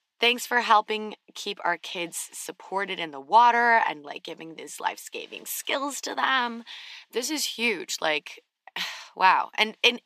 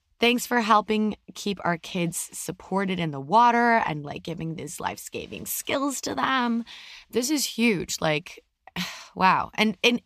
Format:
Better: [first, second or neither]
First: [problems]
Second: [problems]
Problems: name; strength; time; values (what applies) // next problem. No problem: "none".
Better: second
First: thin; somewhat; fading below 300 Hz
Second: none